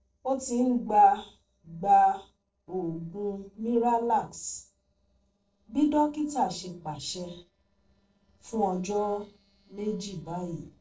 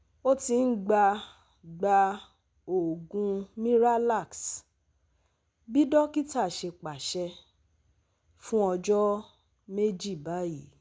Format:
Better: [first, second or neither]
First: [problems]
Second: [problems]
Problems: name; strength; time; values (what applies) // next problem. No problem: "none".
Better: second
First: noise reduction (neural separator model SepFormer DNS4)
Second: none